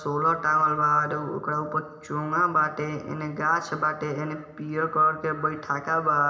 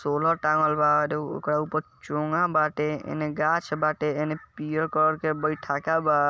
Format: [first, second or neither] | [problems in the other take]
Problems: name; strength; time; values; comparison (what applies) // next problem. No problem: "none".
second | room echo; dies away in 0.8 s